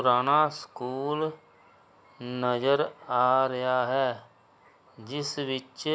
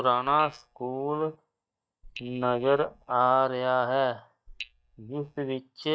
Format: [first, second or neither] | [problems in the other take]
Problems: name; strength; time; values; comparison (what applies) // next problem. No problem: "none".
first | noise reduction (neural mask model DeepFilterNet 3)